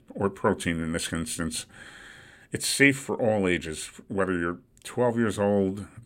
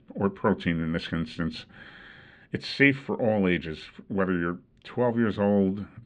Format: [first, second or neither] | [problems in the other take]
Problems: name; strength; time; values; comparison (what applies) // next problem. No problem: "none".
first | muffled; very slightly; fading above 4 kHz